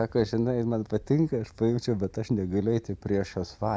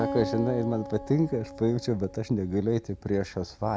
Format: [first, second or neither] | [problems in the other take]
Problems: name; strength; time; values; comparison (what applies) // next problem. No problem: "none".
first | background sound (Acoustic guitar); 11 dB below the speech